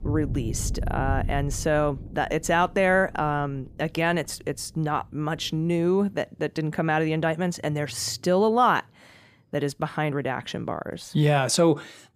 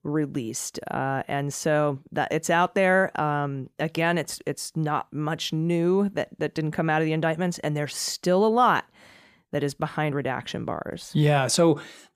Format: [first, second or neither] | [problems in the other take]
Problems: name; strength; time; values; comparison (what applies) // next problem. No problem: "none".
second | rain or running water; loud; throughout; 10 dB below the speech